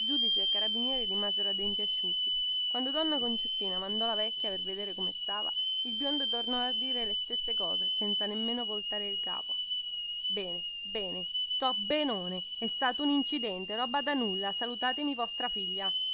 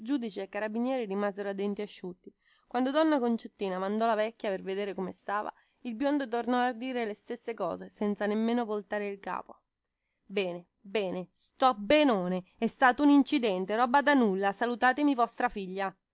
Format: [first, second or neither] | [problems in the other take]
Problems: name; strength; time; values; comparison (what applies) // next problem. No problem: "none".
second | background sound (Hiss / Alarm); 4 dB above the speech